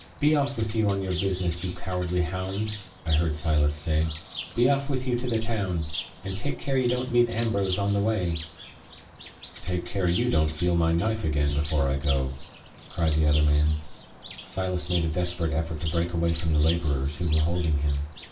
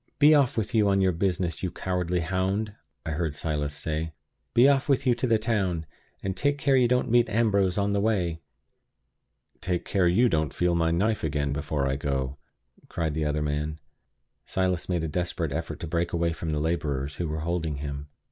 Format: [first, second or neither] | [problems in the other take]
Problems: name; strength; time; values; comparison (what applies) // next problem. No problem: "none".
second | background sound (Bird); 16 dB below the speech // room echo; dies away in 0.2 s